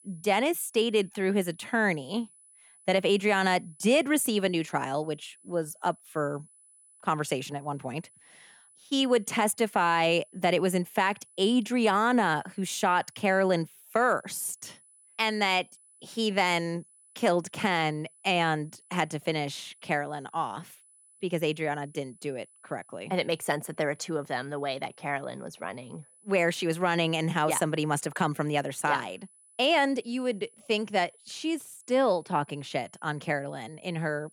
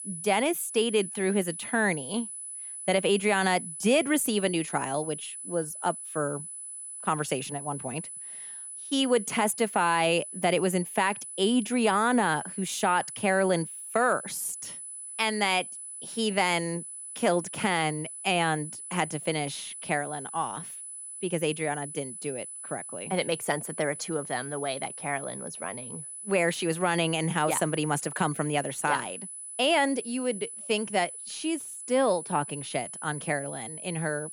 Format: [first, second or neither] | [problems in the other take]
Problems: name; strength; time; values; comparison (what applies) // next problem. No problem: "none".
first | high-pitched whine; loud; throughout; 10 kHz, 9 dB below the speech; faint in the first